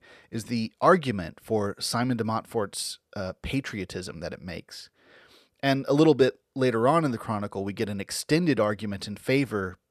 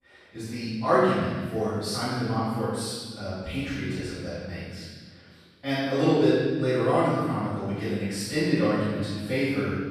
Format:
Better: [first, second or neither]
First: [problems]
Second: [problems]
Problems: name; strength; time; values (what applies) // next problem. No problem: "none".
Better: first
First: none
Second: off-mic speech; far // room echo; strong; dies away in 1.5 s